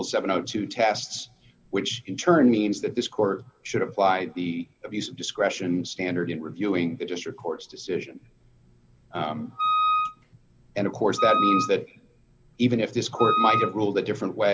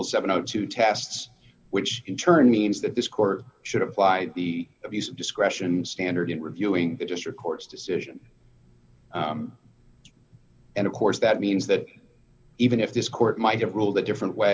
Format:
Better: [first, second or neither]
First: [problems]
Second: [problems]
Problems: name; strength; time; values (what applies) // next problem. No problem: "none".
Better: second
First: background sound (Wind instrument, woodwind instrument); 1 dB above the speech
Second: none